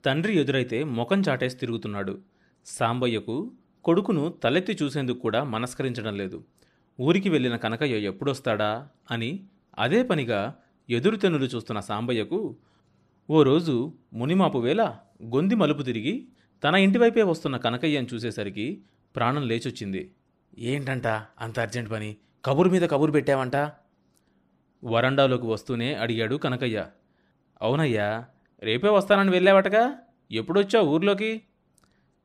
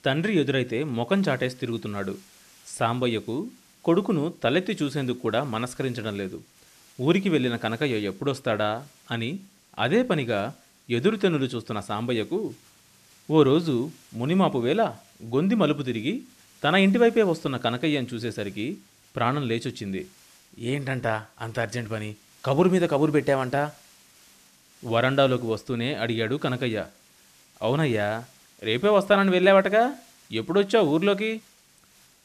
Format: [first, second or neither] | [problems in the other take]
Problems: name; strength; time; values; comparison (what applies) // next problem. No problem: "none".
first | hiss; faint; throughout; 30 dB below the speech